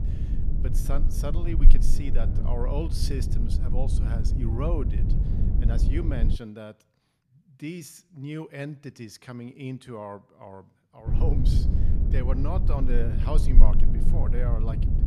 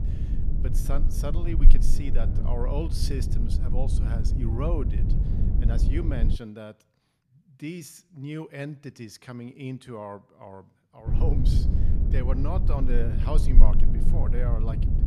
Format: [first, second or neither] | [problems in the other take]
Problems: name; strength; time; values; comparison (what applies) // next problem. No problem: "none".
neither | low rumble; loud; until 6.5 s and from 11 s on; 4 dB below the speech; the same in both